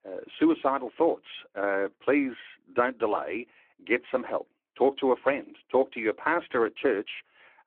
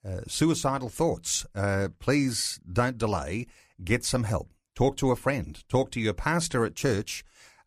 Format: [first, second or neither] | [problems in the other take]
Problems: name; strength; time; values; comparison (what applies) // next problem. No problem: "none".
second | phone-call audio